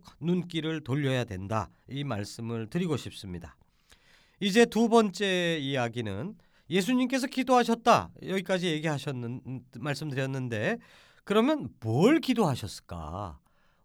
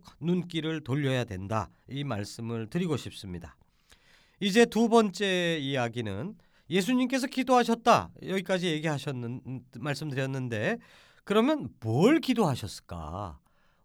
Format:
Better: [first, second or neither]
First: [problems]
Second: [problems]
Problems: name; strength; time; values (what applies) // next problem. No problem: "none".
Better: neither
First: none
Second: none